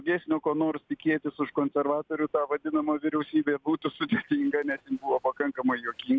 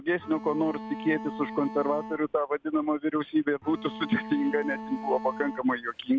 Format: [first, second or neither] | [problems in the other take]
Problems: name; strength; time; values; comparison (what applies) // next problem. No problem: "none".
first | background sound (Bowed string instrument); 11 dB below the speech